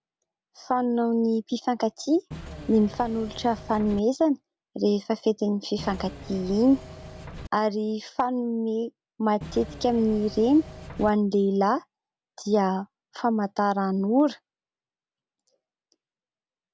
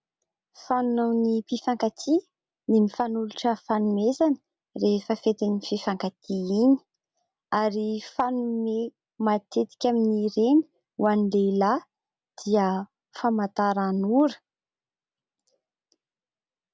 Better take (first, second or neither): second